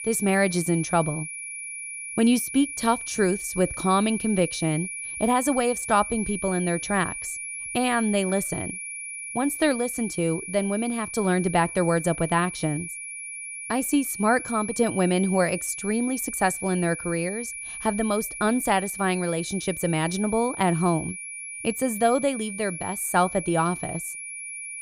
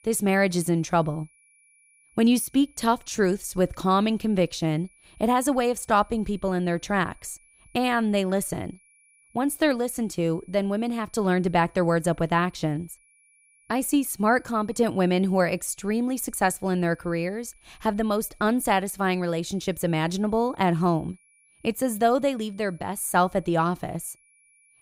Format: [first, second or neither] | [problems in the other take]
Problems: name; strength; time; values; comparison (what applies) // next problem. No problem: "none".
second | high-pitched whine; loud; throughout; 2.5 kHz, 8 dB below the speech; faint in the second